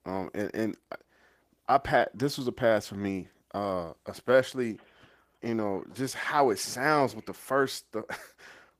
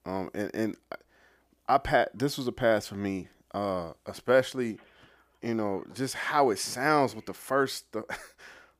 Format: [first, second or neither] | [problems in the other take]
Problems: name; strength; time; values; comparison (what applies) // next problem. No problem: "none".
second | garbled, watery; slightly; nothing above 15 kHz